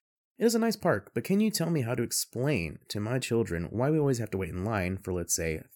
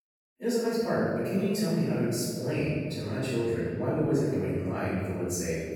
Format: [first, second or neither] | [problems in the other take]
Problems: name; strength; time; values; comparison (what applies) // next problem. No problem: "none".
first | off-mic speech; far // room echo; strong; dies away in 1.9 s